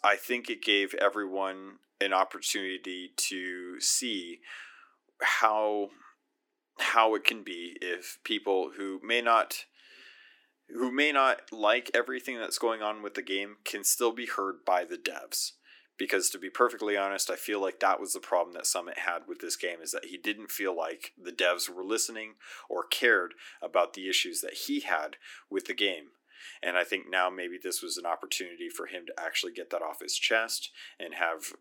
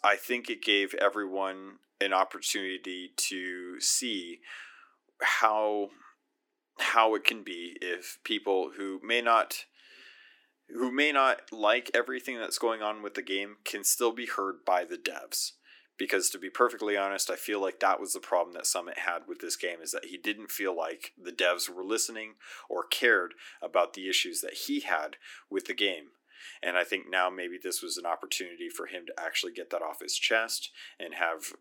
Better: neither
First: thin; somewhat; fading below 300 Hz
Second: thin; somewhat; fading below 300 Hz

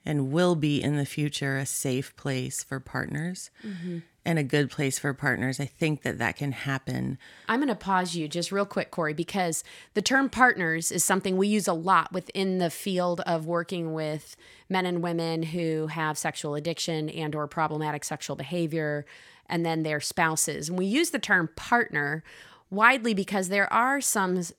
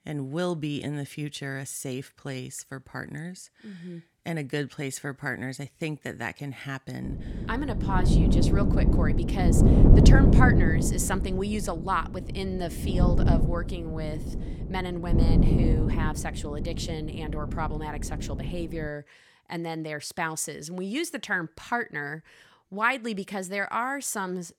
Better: first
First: none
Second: wind noise on the microphone; heavy; from 7 to 19 s; 1 dB below the speech

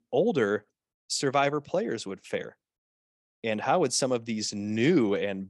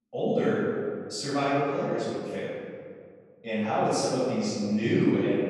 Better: first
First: none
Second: off-mic speech; far // room echo; strong; dies away in 2 s

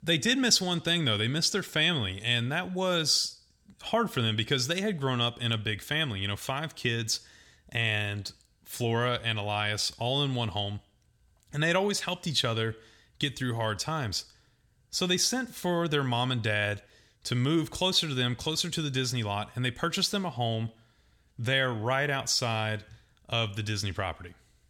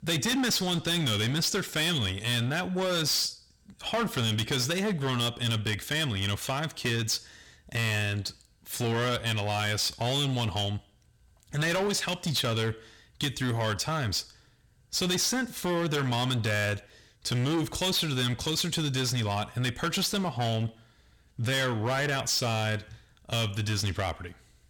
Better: first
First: none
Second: distortion; heavy; 18% of the sound clipped

